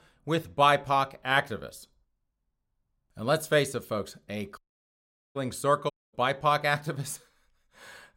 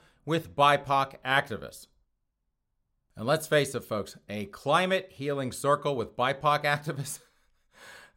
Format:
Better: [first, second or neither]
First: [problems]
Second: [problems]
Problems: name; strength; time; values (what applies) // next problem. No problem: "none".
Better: second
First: audio cutting out; at 4.5 s for 1 s and at 6 s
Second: none